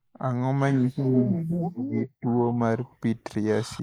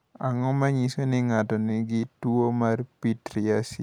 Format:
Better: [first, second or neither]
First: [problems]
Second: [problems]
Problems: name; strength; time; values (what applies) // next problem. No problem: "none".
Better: second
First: noise reduction (neural mask model Resemble Enhance denoiser)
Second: none